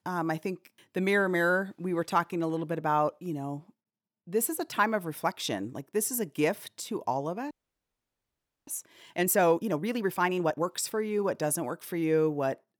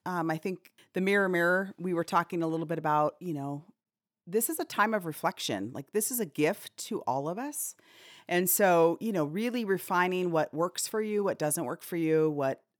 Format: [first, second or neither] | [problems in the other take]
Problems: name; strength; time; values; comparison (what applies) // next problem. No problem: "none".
second | audio freezing; at 7.5 s for 1 s